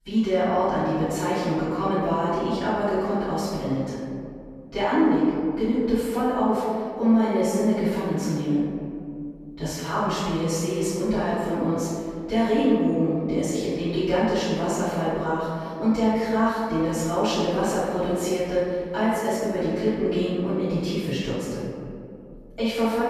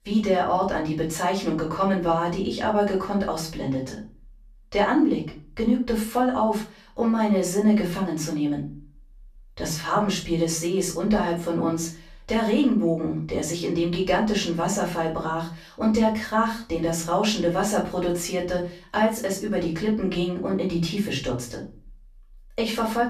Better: second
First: room echo; strong; dies away in 2.4 s // off-mic speech; far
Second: room echo; slight; dies away in 0.3 s // off-mic speech; far

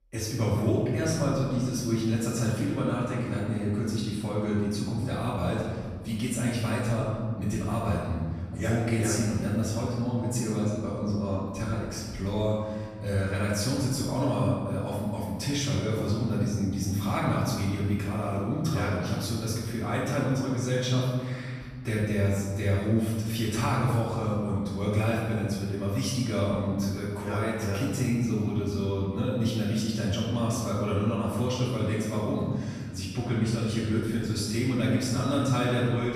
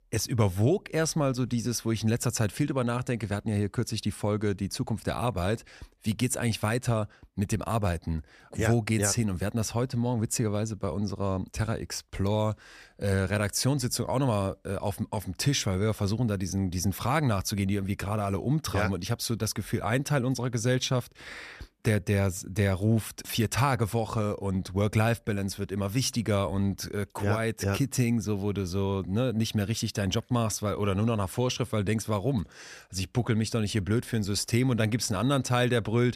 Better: second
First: room echo; strong; dies away in 1.8 s // off-mic speech; far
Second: none

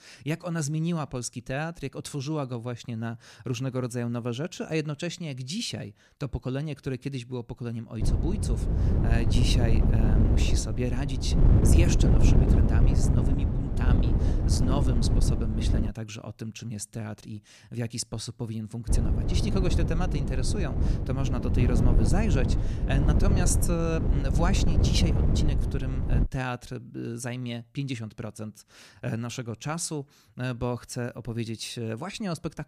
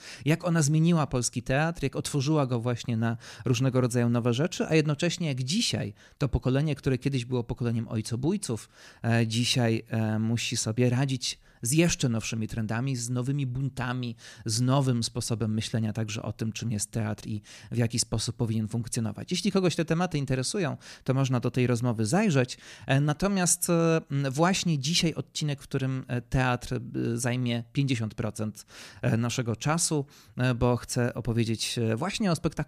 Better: second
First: wind noise on the microphone; heavy; from 8 to 16 s and from 19 to 26 s; 1 dB below the speech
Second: none

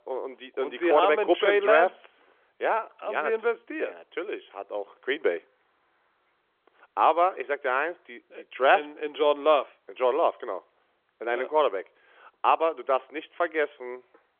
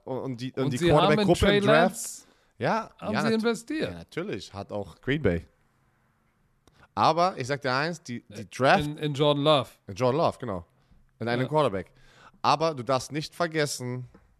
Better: second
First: phone-call audio; nothing above 3.5 kHz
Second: none

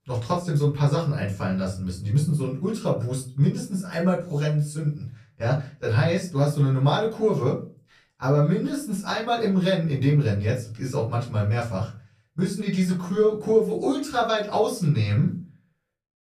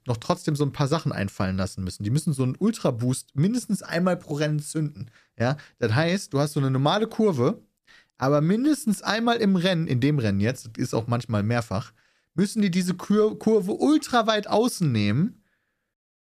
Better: second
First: off-mic speech; far // room echo; slight; dies away in 0.3 s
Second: none

